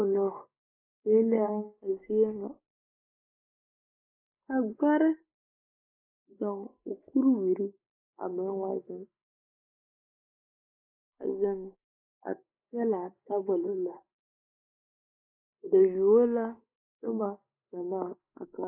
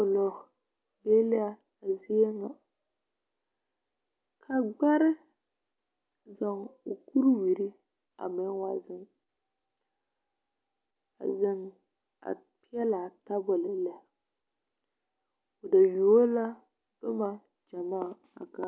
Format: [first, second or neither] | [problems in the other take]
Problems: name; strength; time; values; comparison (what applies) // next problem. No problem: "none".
second | noise reduction (neural mask model Resemble Enhance denoiser)